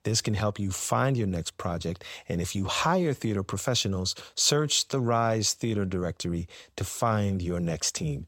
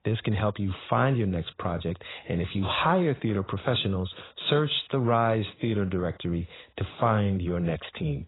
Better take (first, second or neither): first